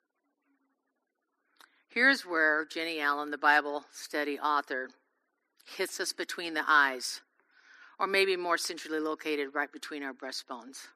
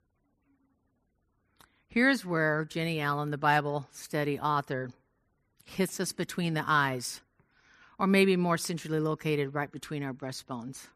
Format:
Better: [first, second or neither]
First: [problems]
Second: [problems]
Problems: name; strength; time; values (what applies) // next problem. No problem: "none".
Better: second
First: thin; somewhat; fading below 300 Hz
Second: none